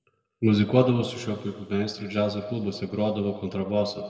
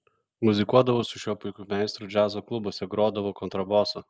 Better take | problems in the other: second | room echo; dies away in 1.7 s

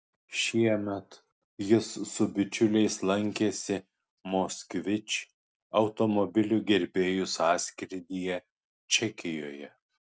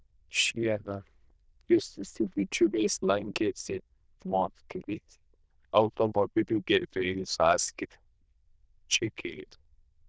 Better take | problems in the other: first | noise reduction (neural diffusion model UNIVERSE++)

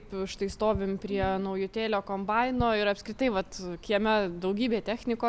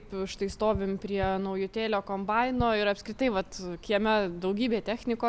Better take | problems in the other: second | background sound (Bowed string instrument); 19 dB below the speech

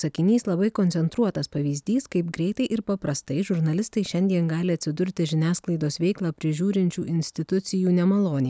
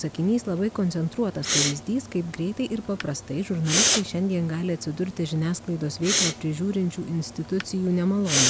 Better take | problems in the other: first | background sound (Respiratory sounds); 3 dB below the speech

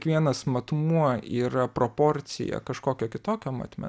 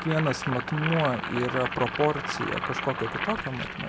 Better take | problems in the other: first | background sound (Boiling); 4 dB below the speech

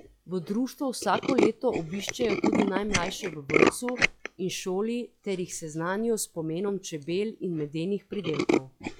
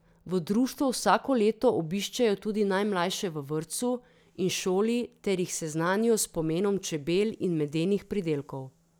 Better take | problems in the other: second | noise reduction (classical method log-MMSE)

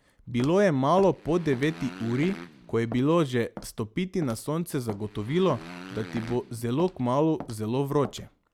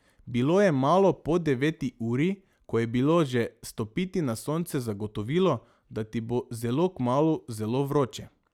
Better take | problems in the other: second | background sound (Motorcycle + Walk, footsteps); 17 dB below the speech

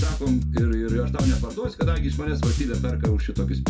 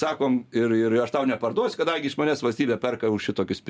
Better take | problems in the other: second | background sound (Bass guitar); 5 dB above the speech // room echo; dies away in 0.2 s

